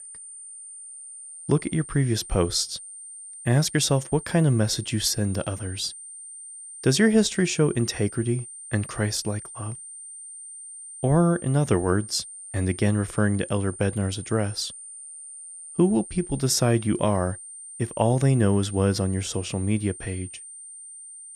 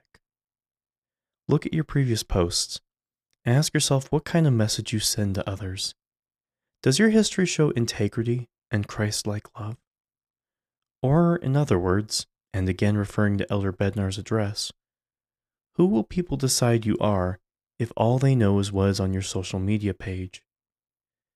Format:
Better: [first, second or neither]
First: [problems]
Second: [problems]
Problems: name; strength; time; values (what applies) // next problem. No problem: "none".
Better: second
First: high-pitched whine; noticeable; throughout; 9 kHz, 15 dB below the speech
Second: none